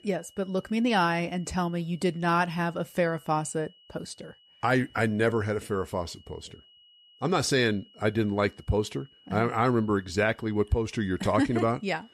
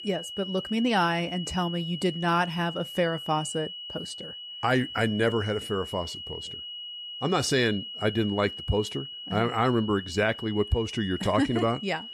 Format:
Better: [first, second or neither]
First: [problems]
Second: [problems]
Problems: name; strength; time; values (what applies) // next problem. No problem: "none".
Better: first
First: high-pitched whine; faint; throughout; 3 kHz, 30 dB below the speech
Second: high-pitched whine; loud; throughout; 3 kHz, 9 dB below the speech